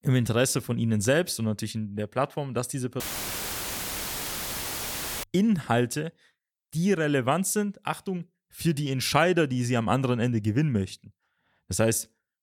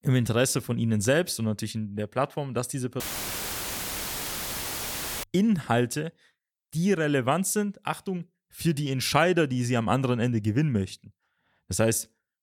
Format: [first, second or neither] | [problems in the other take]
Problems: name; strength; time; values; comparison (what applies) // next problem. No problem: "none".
neither | audio cutting out; filled with static; at 3 s for 2 s; the same in both